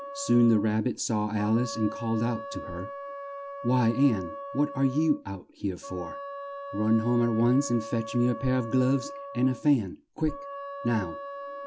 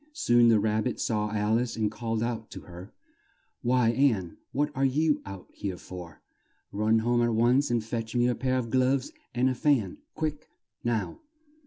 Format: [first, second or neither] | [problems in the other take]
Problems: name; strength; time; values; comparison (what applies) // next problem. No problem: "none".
second | background sound (Wind instrument, woodwind instrument); 12 dB below the speech